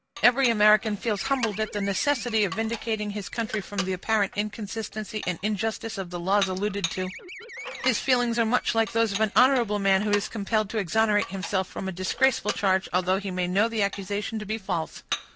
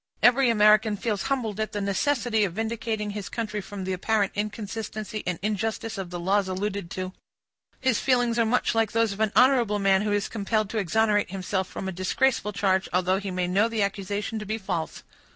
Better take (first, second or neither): second